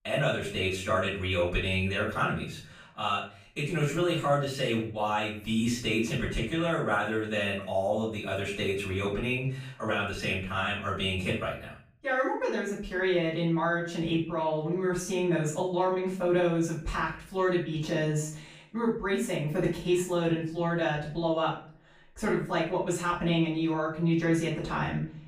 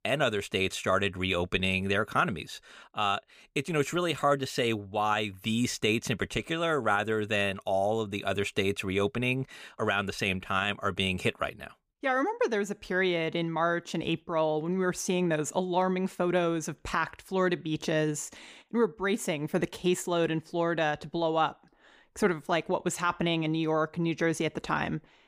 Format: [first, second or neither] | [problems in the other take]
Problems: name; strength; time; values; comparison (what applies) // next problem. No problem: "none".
second | off-mic speech; far // room echo; noticeable; dies away in 0.4 s